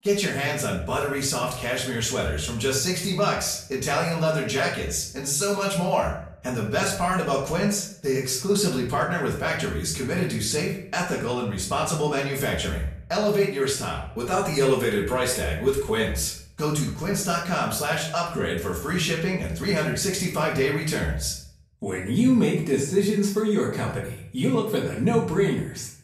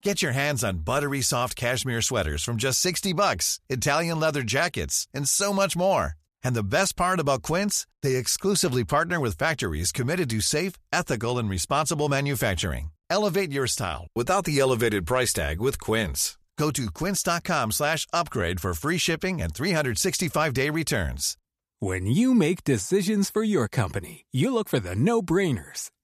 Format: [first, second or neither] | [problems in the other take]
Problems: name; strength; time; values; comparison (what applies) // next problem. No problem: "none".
second | off-mic speech; far // room echo; slight; dies away in 0.5 s